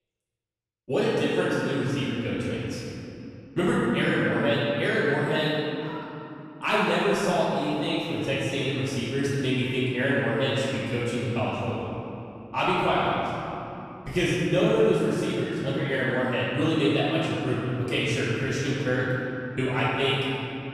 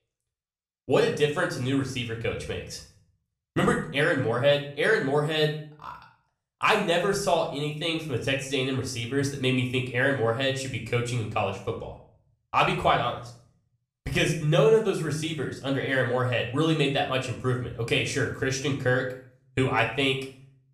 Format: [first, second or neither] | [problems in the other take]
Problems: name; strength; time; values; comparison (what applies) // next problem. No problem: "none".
second | room echo; strong; dies away in 2.9 s; slight in the second // off-mic speech; far; somewhat distant in the second